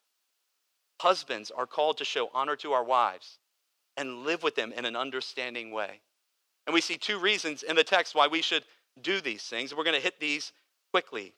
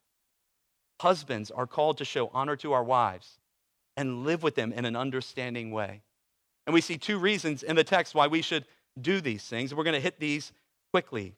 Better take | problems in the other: second | thin; somewhat; fading below 400 Hz

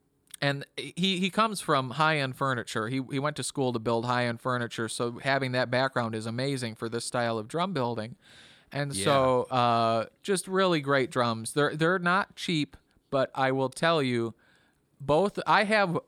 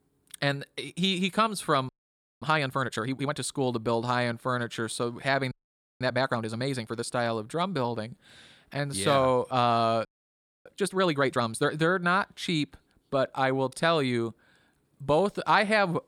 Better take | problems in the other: first | audio freezing; at 2 s for 0.5 s, at 5.5 s for 0.5 s and at 10 s for 0.5 s

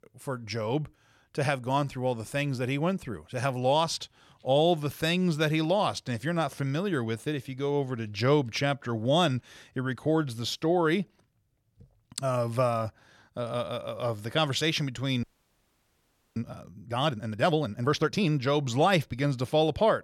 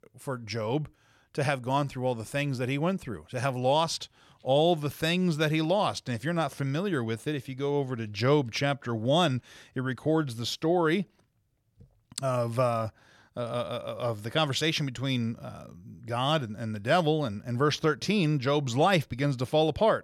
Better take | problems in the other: second | audio freezing; at 15 s for 1 s

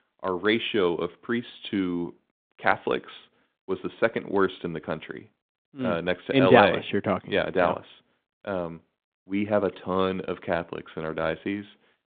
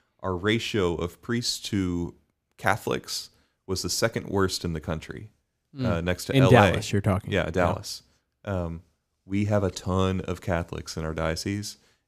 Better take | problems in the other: second | phone-call audio; nothing above 3.5 kHz

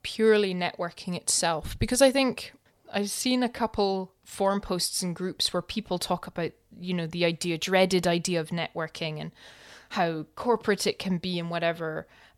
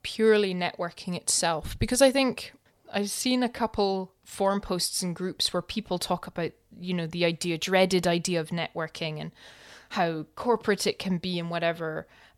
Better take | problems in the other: neither | none

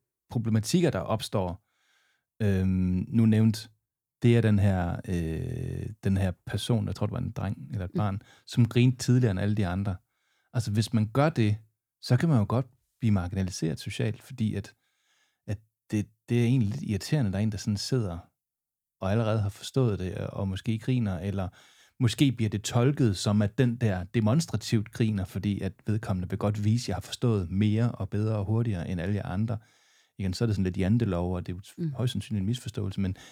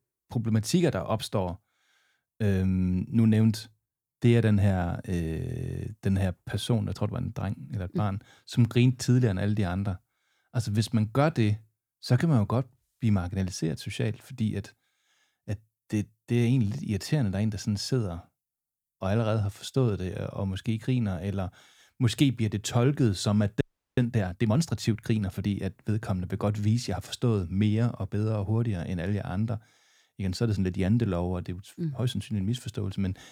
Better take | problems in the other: first | audio freezing; at 24 s

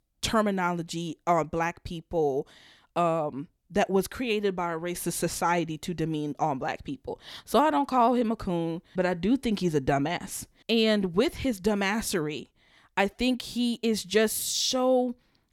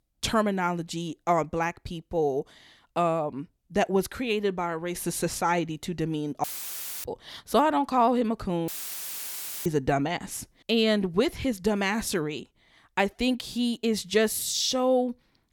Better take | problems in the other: first | audio cutting out; filled with static; at 6.5 s for 0.5 s and at 8.5 s for 1 s

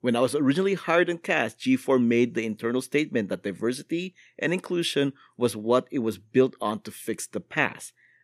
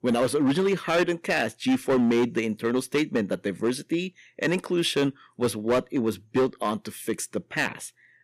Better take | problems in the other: first | distortion; slight; 8% of the sound clipped

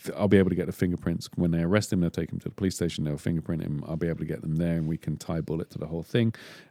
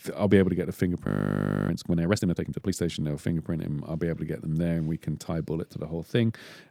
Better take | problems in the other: first | audio freezing; at 1 s for 0.5 s

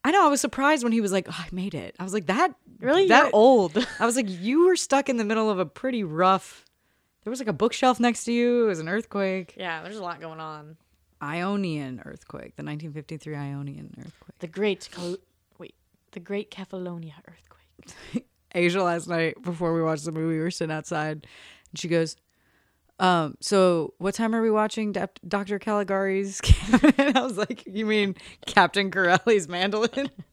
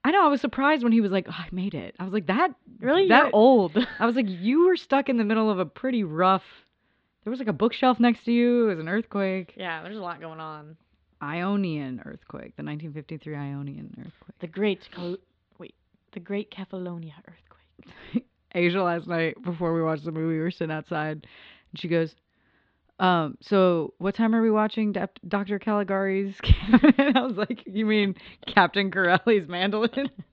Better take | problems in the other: first | muffled; slightly; fading above 4 kHz

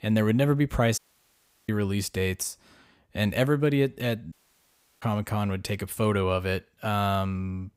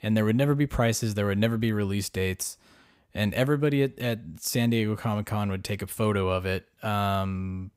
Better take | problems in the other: second | audio cutting out; at 1 s for 0.5 s and at 4.5 s for 0.5 s

